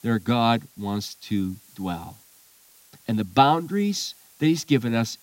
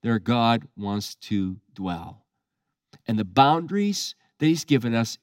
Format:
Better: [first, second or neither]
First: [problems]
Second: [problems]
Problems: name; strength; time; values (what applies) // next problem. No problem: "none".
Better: second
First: hiss; faint; throughout; 25 dB below the speech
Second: none